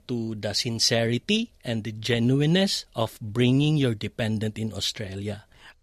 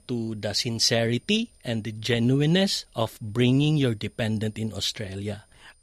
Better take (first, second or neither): first